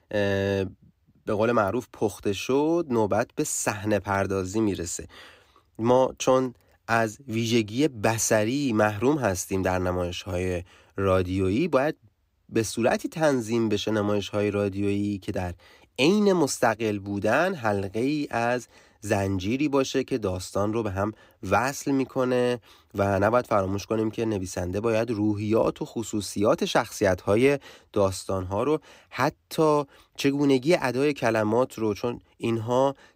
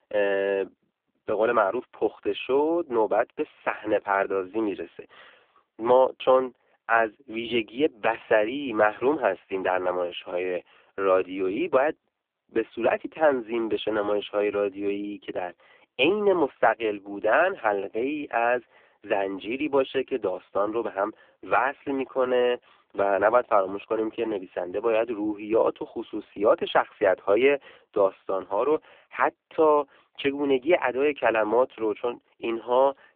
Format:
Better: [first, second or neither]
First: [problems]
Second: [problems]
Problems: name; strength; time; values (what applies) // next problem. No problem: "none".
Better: first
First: none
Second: phone-call audio; poor line; nothing above 3.5 kHz